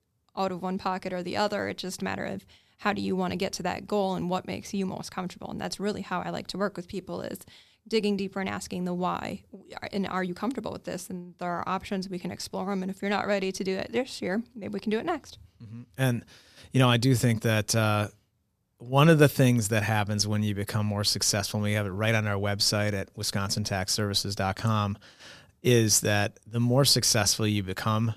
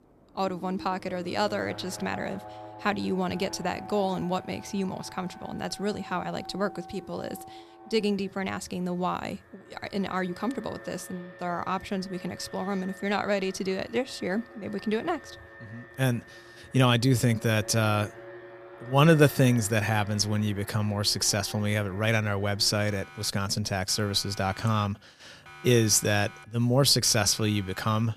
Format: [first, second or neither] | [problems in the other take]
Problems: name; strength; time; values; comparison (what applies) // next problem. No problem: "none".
first | alarms or sirens; noticeable; throughout; 20 dB below the speech